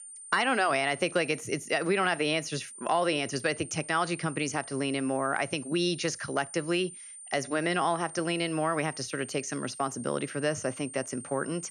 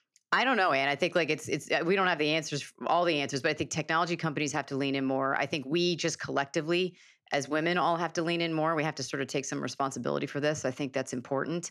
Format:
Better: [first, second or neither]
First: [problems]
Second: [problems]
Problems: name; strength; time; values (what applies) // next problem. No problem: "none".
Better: second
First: high-pitched whine; noticeable; throughout; 9 kHz, 15 dB below the speech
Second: none